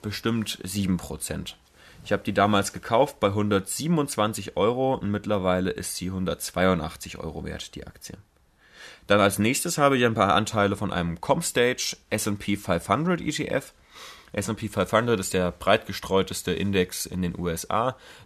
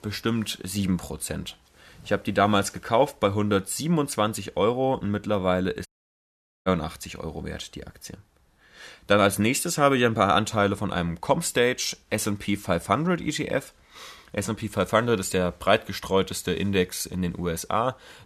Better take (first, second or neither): first